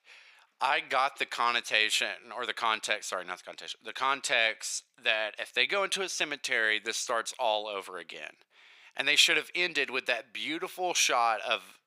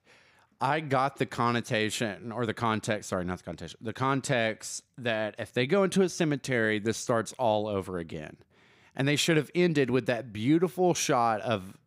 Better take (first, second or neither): second